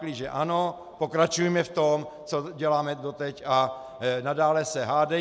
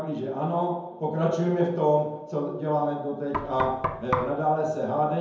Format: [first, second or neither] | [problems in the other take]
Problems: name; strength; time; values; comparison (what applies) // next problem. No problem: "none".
first | background sound (Knock); 6 dB below the speech // room echo; dies away in 0.9 s